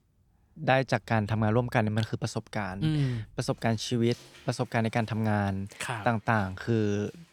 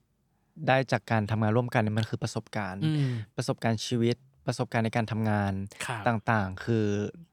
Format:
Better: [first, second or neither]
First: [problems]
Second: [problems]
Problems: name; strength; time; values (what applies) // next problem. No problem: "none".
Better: second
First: rain or running water; faint; throughout; 25 dB below the speech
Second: none